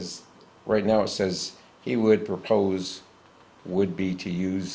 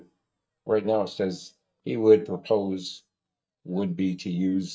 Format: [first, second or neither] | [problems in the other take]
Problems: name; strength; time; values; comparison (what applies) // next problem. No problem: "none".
first | noise reduction (neural mask model DeepFilterNet 3)